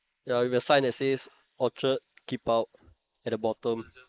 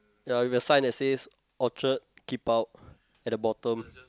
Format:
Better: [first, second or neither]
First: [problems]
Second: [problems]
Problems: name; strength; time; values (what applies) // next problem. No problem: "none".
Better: second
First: noise reduction (neural mask model Resemble Enhance denoiser)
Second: none